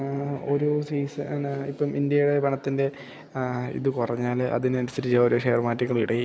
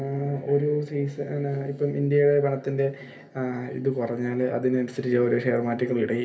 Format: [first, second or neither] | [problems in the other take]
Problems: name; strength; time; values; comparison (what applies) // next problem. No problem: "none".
first | room echo; dies away in 0.3 s